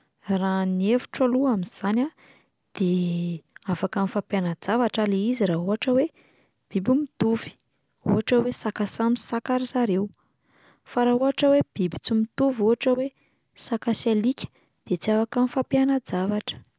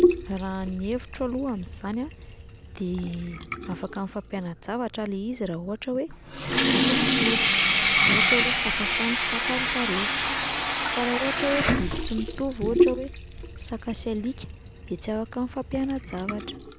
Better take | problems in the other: first | background sound (Sink (filling or washing) / Water tap, faucet); 4 dB above the speech

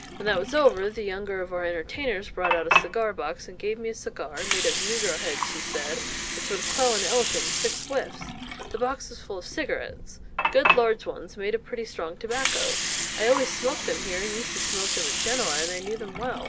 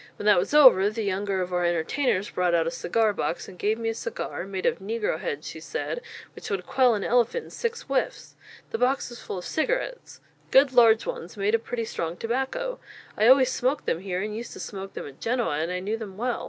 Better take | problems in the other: second | background sound (Water); 1 dB below the speech

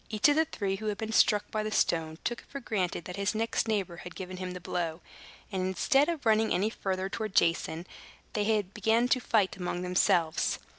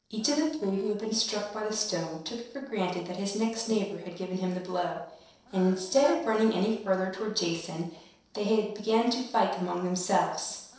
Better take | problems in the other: first | noise reduction (neural separator model SepFormer DNS4)

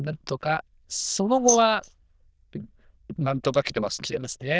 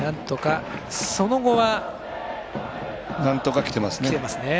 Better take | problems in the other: second | noise reduction (neural diffusion model UNIVERSE++)

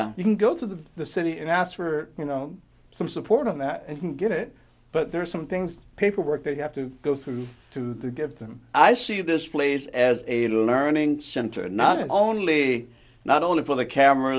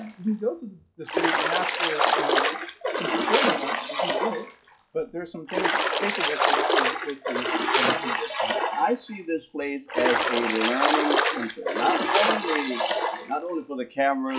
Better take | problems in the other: first | noise reduction (classical method WPE with log-MMSE)

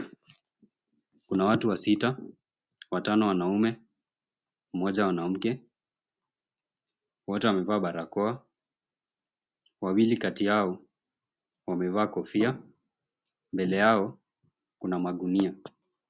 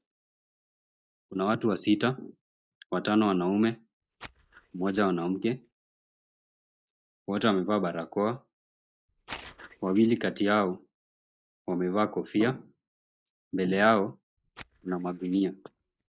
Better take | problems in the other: first | noise reduction (neural mask model DeepFilterNet 3)

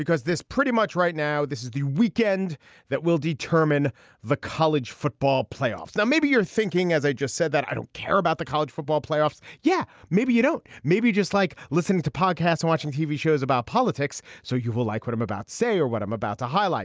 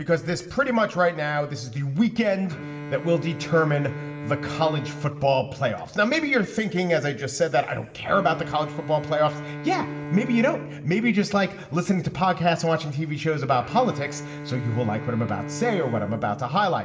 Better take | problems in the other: first | background sound (Bowed string instrument); 13 dB below the speech // room echo; dies away in 0.9 s

